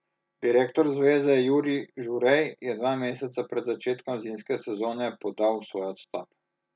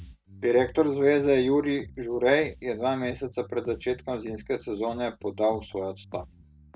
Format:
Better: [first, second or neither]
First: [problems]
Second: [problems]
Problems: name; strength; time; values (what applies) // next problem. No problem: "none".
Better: first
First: none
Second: noise reduction (neural mask model RNNoise)